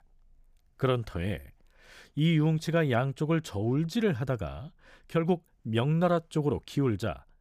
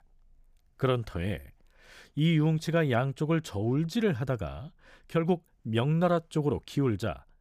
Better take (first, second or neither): neither